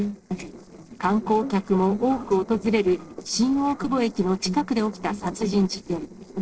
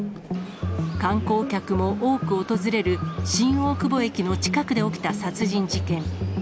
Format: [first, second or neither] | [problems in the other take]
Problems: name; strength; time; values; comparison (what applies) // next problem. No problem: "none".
second | noise reduction (neural separator model SepFormer DNS4)